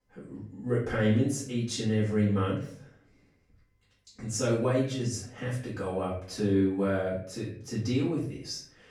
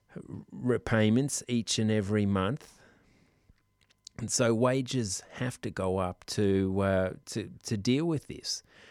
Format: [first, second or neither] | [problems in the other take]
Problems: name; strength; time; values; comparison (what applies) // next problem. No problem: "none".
second | off-mic speech; far // room echo; noticeable; dies away in 0.5 s